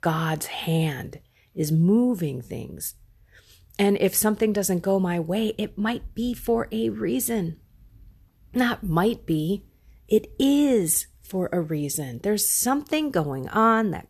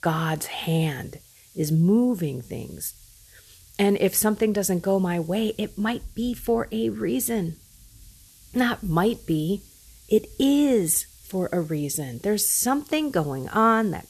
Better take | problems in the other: first | hiss; faint; throughout; 25 dB below the speech

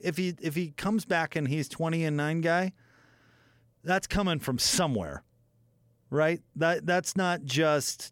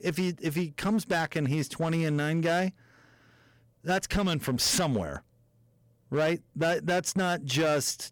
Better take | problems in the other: first | distortion; slight; 8% of the sound clipped

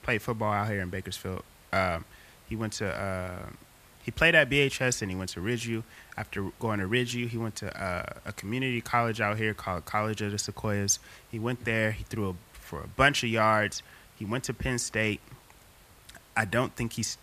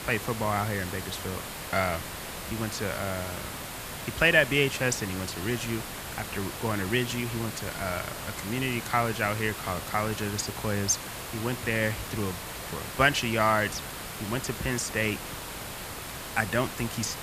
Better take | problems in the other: first | hiss; loud; throughout; 8 dB below the speech; faint in the first

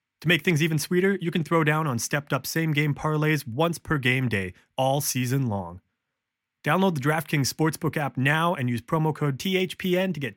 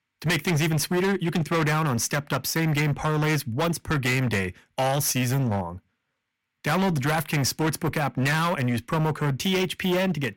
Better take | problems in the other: first | distortion; heavy; 20% of the sound clipped

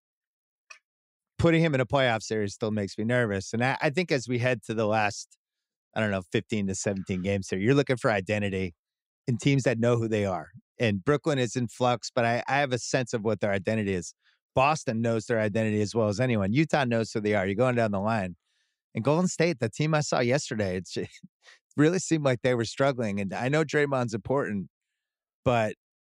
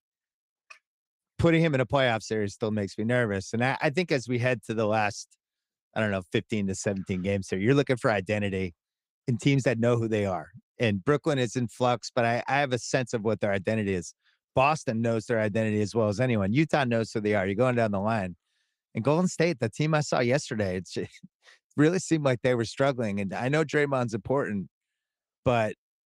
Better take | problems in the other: first | garbled, watery; slightly; nothing above 15.5 kHz

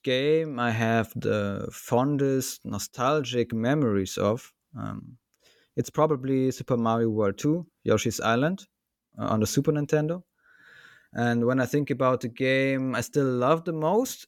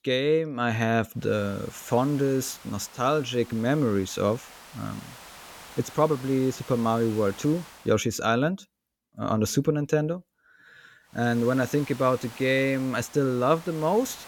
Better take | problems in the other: first | hiss; noticeable; from 1 to 8 s and from 11 s on; 20 dB below the speech

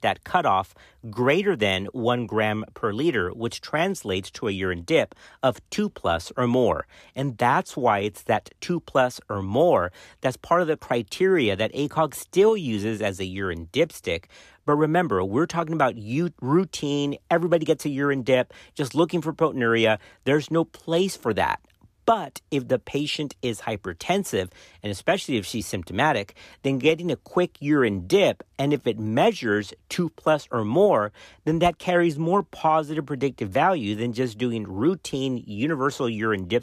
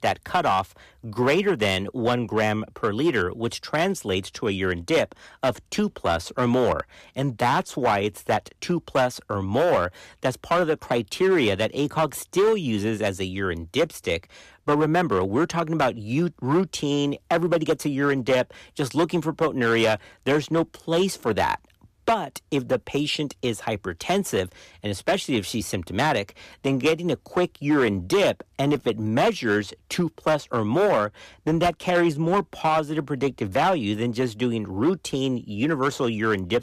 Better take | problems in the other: first | distortion; slight; 6% of the sound clipped

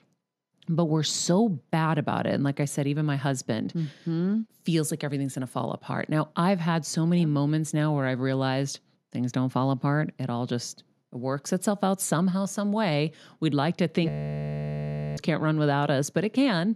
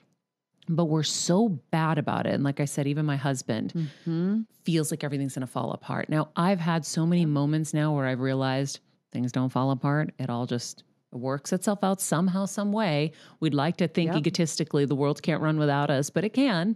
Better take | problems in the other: second | audio freezing; at 14 s for 1 s

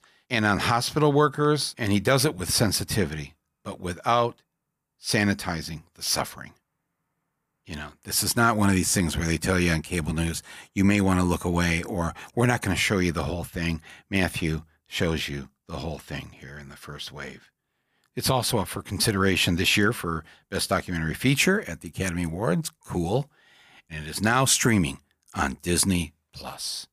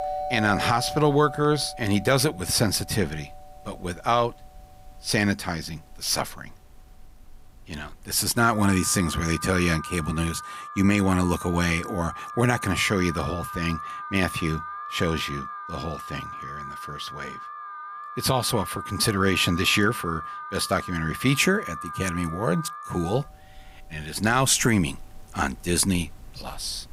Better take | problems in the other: first | alarms or sirens; noticeable; throughout; 10 dB below the speech

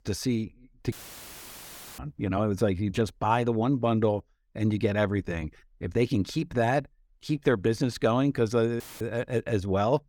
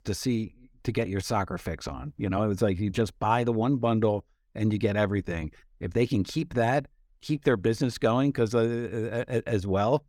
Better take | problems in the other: second | audio cutting out; filled with static; at 1 s for 1 s and at 9 s

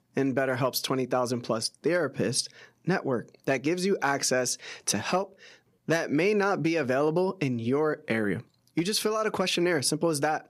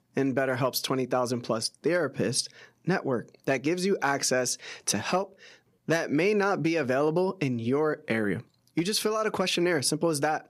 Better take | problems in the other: neither | none

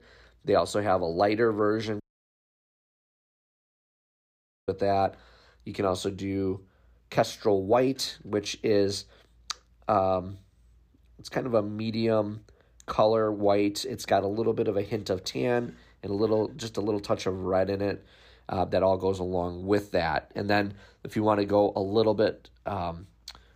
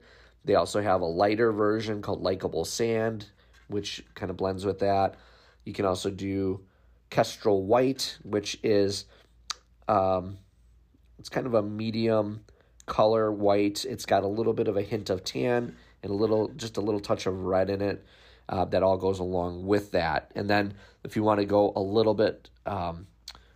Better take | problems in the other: second | audio cutting out; at 2 s for 2.5 s

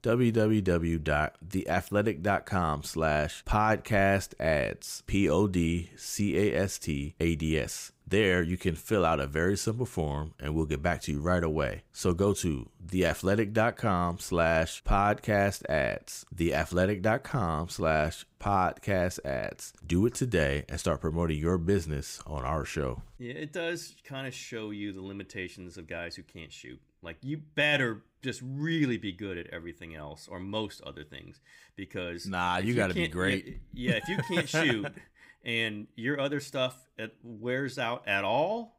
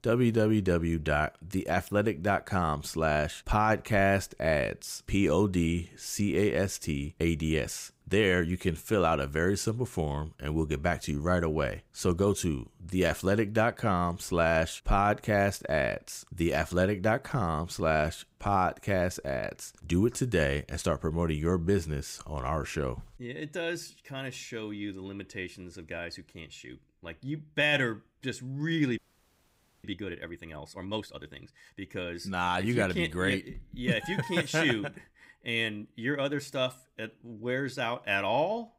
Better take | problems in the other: first | audio freezing; at 29 s for 1 s

